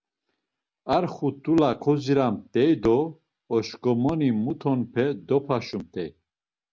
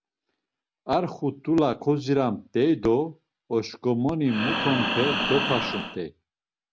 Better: first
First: none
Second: background sound (Breathing); 1 dB below the speech

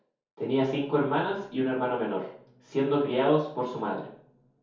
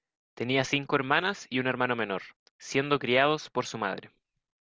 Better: second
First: room echo; dies away in 0.6 s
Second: none

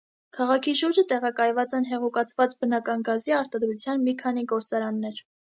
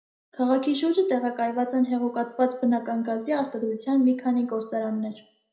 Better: first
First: none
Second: room echo; dies away in 0.5 s

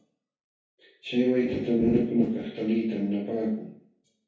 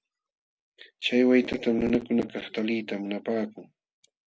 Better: second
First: room echo; dies away in 0.6 s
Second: none

